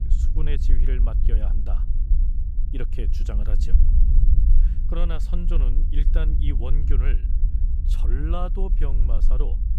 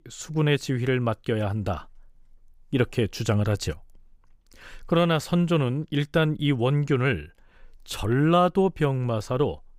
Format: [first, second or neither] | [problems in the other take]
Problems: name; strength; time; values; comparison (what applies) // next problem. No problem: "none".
second | low rumble; loud; throughout; 6 dB below the speech